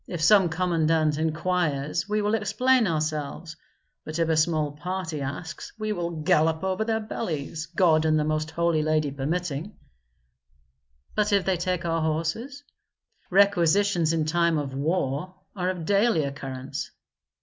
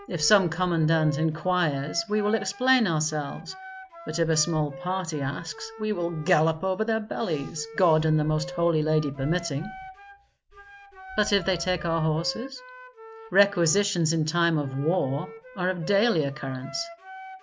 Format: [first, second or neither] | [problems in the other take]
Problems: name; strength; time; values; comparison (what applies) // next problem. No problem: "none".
first | background sound (Wind instrument, woodwind instrument); 17 dB below the speech